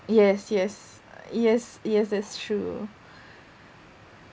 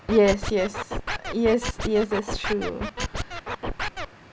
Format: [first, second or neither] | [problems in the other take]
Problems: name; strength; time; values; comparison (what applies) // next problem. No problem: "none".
first | background sound (Scratching (performance technique)); 5 dB below the speech